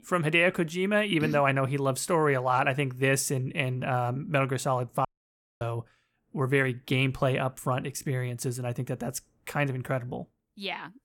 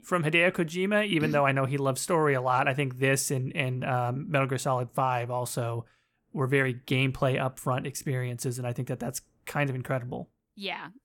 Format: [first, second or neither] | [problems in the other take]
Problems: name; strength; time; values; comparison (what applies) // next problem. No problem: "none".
second | audio cutting out; at 5 s for 0.5 s